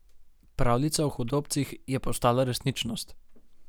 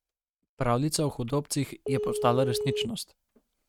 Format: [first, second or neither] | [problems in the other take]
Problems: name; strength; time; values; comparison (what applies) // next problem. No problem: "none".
first | noise reduction (neural mask model RNNoise)